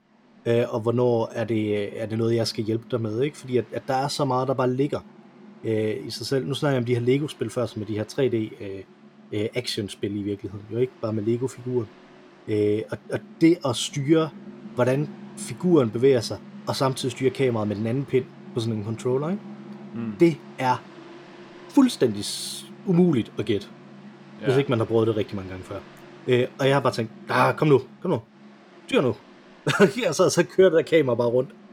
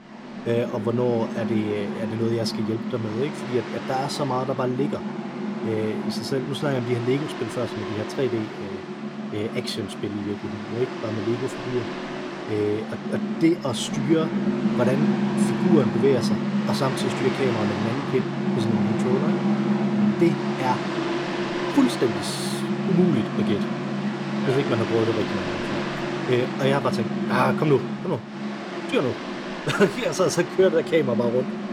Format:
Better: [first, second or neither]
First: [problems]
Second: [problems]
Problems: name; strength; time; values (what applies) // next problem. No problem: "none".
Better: first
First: machinery noise; faint; throughout; 20 dB below the speech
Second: machinery noise; loud; throughout; 2 dB below the speech